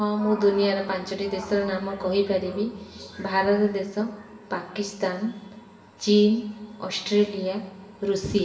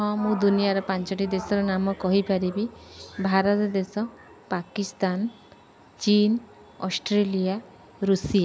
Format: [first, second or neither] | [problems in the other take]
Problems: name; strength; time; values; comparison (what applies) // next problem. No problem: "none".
second | room echo; dies away in 1 s